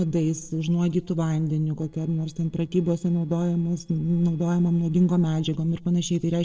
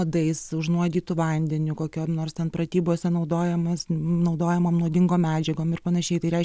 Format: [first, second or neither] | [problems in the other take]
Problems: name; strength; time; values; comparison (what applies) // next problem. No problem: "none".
second | noise reduction (neural separator model SepFormer DNS4)